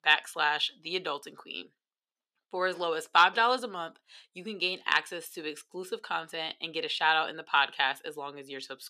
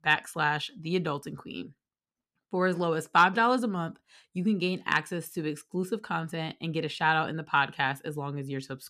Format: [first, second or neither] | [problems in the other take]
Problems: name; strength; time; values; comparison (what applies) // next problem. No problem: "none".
second | thin; very; fading below 500 Hz